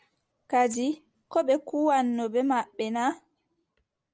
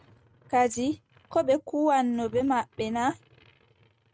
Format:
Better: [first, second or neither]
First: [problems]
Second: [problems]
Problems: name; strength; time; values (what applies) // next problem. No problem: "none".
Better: first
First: none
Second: noise reduction (neural mask model RNNoise)